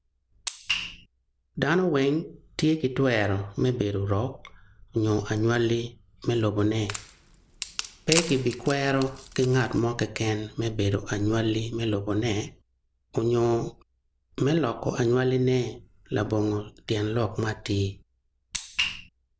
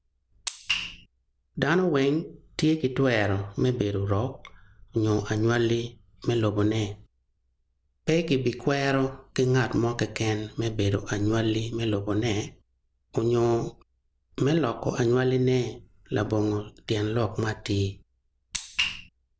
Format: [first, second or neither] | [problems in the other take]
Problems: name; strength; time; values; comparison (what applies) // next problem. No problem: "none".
second | background sound (Wood); 8 dB below the speech